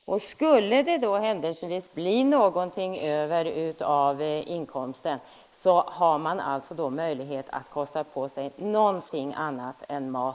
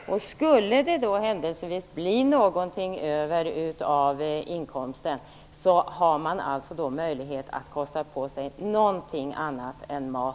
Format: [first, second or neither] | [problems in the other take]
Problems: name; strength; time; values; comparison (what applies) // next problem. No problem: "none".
second | noise reduction (neural mask model Resemble Enhance denoiser)